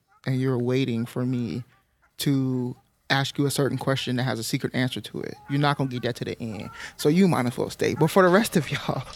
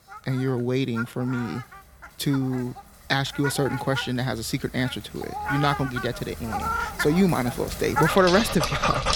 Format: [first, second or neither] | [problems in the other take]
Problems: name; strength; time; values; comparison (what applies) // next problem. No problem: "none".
first | animal sounds; loud; throughout; 5 dB below the speech; faint in the first